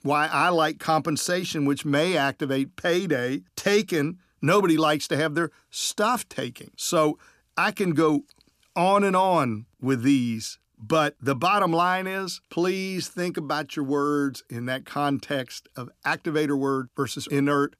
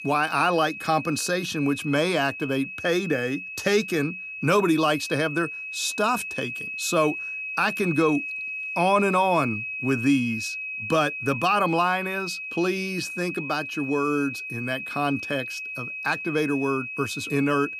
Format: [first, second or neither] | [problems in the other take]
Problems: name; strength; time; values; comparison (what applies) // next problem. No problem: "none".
first | high-pitched whine; loud; throughout; 2.5 kHz, 6 dB below the speech